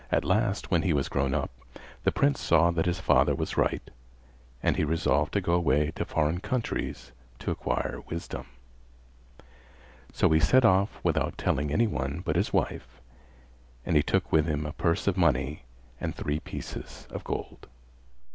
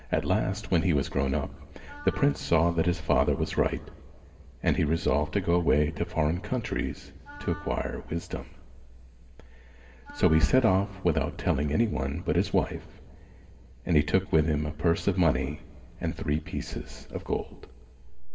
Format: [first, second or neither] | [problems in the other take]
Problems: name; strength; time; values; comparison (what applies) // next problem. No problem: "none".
first | background sound (Wind instrument, woodwind instrument); 19 dB below the speech // room echo; dies away in 1.9 s